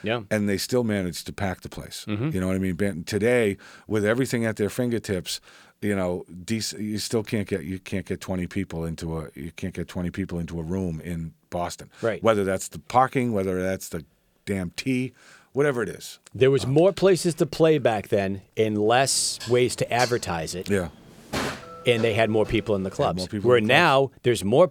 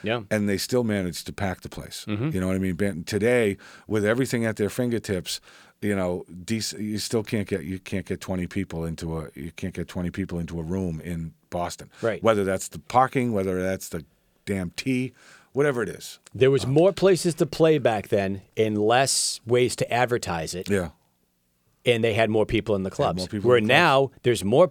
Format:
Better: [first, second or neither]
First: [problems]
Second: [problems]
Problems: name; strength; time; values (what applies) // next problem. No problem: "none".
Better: second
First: clattering dishes; noticeable; from 19 to 23 s; peak 5 dB below the speech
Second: none